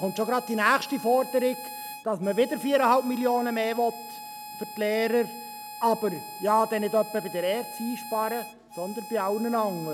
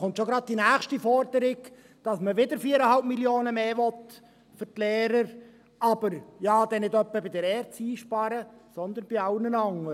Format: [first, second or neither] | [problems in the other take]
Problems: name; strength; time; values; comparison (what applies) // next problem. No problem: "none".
second | background sound (Harmonica); 13 dB below the speech